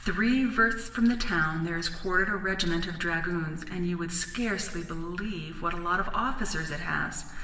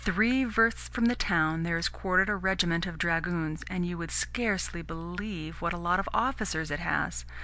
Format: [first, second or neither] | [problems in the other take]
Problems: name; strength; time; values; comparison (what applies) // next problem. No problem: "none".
second | room echo; dies away in 1.1 s